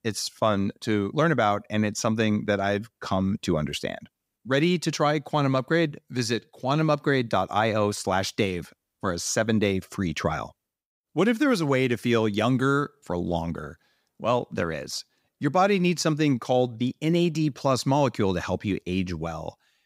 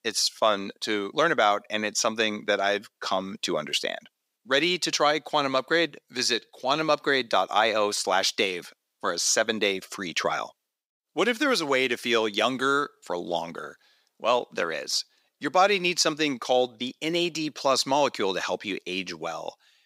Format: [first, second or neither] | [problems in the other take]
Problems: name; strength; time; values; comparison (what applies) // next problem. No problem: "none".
first | thin; somewhat; fading below 400 Hz